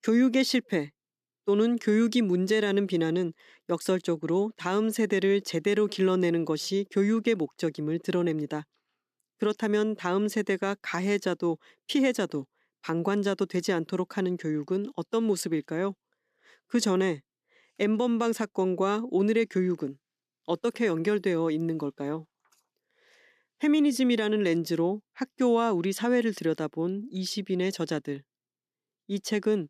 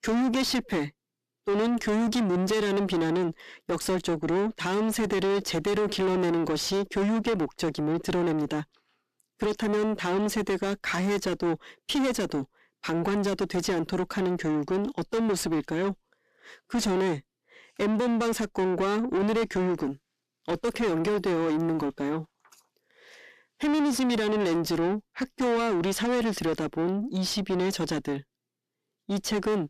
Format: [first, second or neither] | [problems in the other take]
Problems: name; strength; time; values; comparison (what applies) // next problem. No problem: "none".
first | distortion; heavy; 6 dB below the speech